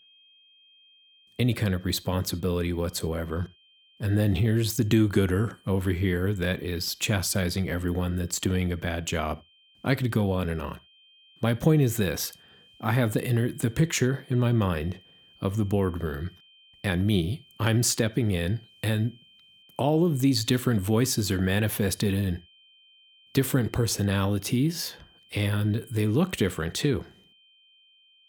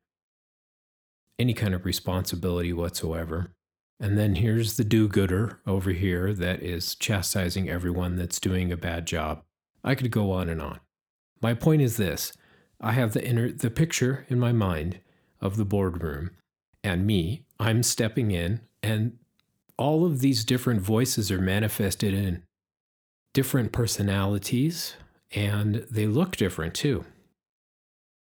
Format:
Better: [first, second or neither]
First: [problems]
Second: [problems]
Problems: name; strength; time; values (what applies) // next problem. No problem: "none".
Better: second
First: high-pitched whine; faint; throughout; 3 kHz, 30 dB below the speech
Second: none